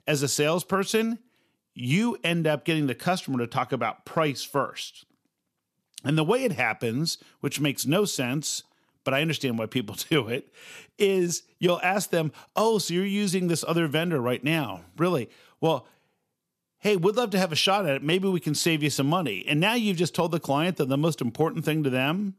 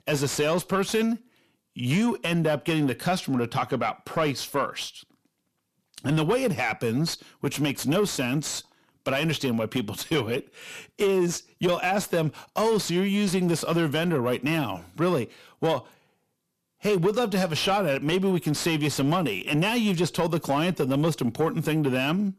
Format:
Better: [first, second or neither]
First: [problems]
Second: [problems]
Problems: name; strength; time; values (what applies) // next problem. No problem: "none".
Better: first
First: none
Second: distortion; slight; 10 dB below the speech